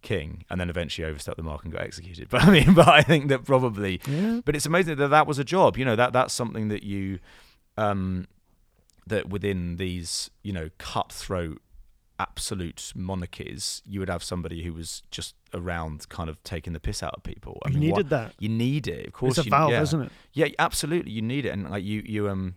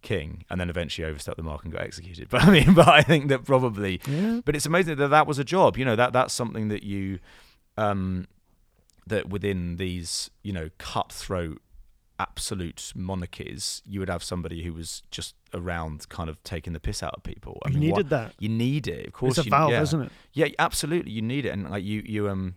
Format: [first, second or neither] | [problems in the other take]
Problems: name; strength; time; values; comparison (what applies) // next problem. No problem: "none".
neither | none